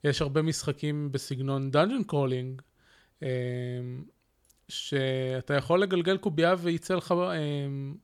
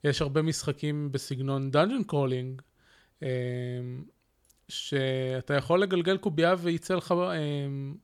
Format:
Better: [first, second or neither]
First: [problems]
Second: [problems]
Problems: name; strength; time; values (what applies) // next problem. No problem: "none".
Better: neither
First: none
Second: none